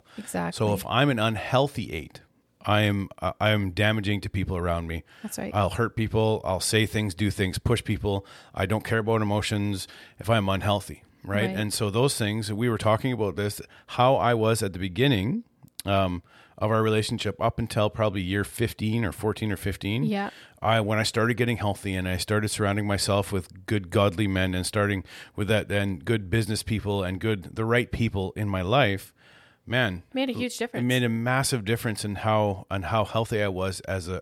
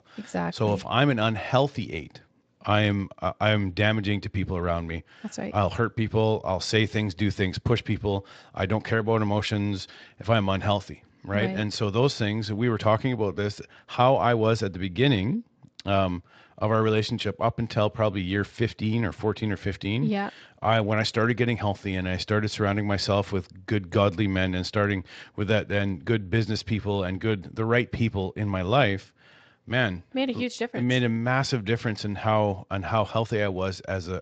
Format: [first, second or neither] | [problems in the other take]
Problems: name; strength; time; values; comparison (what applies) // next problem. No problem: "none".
first | garbled, watery; slightly; nothing above 7.5 kHz